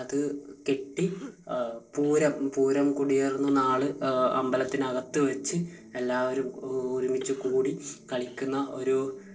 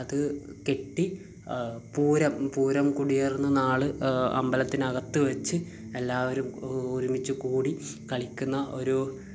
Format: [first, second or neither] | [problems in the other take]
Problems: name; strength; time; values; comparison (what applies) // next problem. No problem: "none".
second | noise reduction (neural separator model SepFormer DNS4)